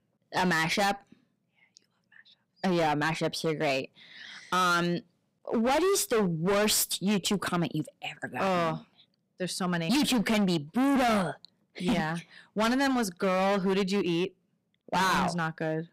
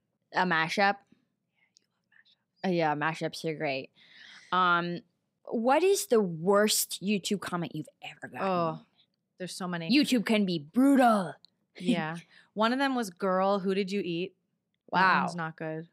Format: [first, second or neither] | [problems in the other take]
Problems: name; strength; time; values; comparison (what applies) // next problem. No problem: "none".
second | distortion; heavy; 17% of the sound clipped